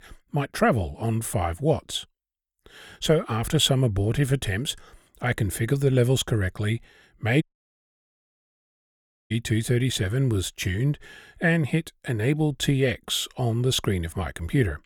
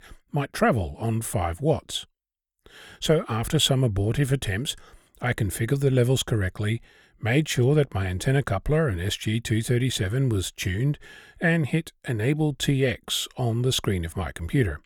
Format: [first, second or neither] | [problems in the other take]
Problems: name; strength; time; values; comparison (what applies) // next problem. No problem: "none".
second | audio cutting out; at 7.5 s for 2 s